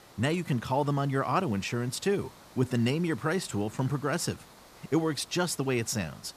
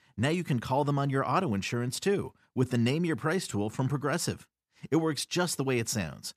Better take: second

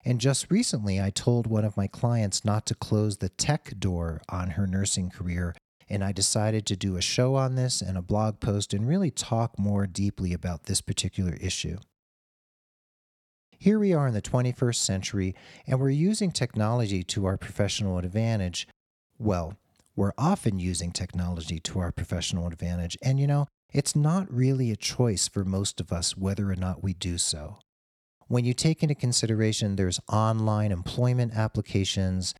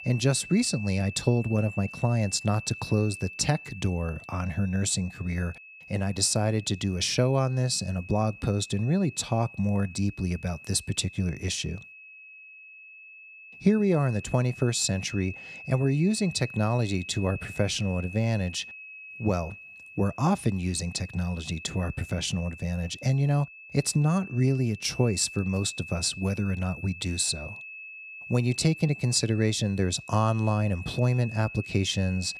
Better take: first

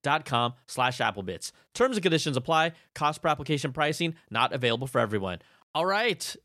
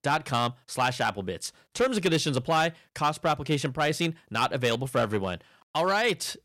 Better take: first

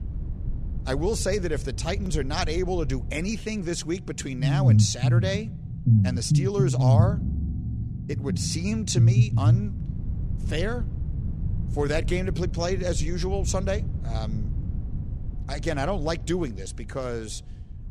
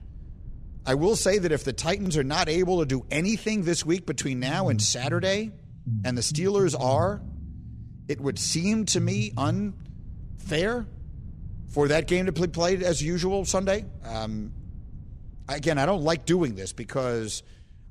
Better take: second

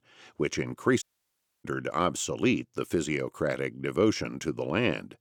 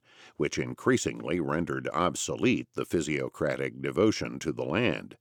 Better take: second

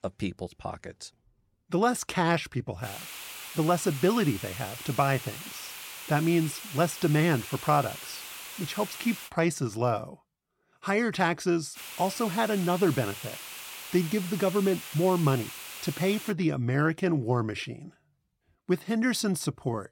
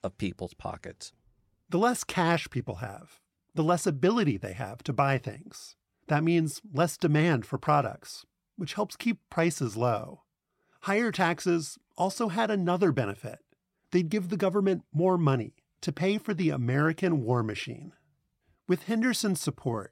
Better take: second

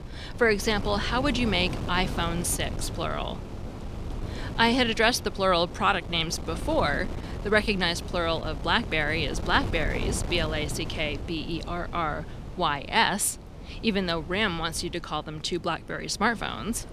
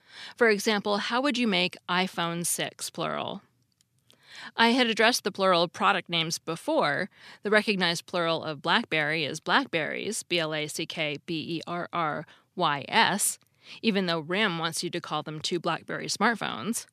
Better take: second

